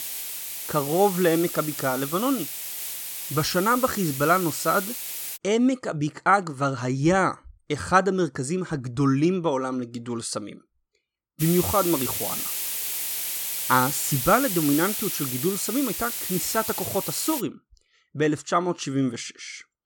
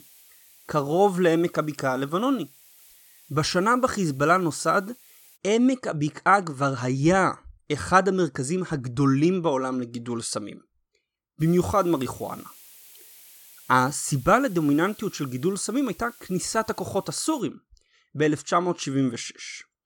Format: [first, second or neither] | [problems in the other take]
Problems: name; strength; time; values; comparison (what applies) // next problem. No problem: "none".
second | hiss; loud; until 5.5 s and from 11 to 17 s; 4 dB below the speech; faint in the second